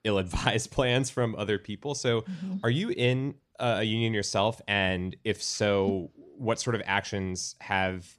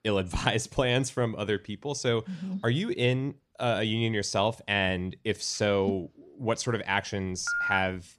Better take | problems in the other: first | phone ringing; loud; at 7.5 s; peak level with the speech

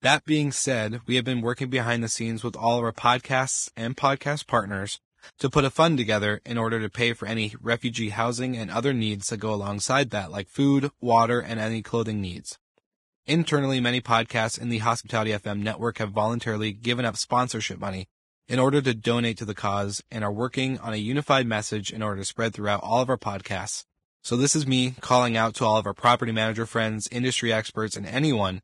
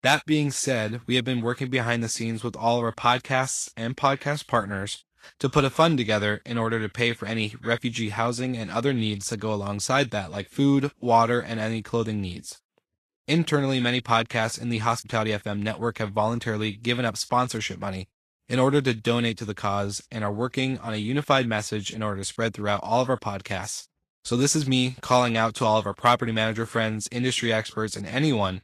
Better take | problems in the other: second | garbled, watery; badly; nothing above 10 kHz; slightly in the second

